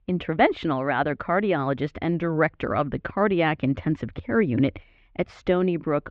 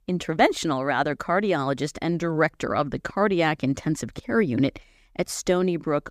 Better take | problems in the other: second | muffled; very; fading above 3 kHz

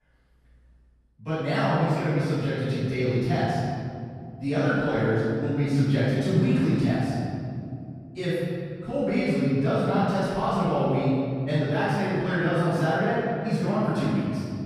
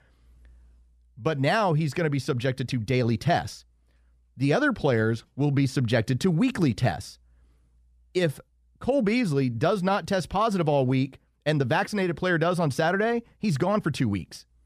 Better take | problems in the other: second | off-mic speech; far // room echo; strong; dies away in 2.4 s

